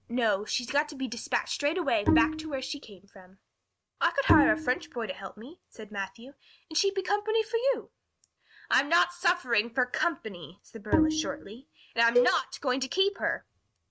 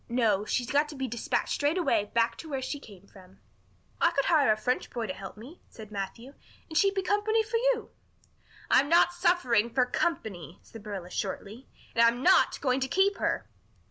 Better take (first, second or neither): second